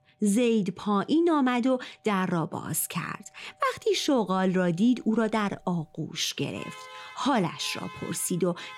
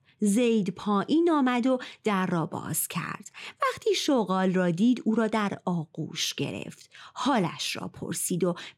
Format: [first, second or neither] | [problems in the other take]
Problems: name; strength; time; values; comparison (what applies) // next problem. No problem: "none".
second | alarms or sirens; faint; throughout; 20 dB below the speech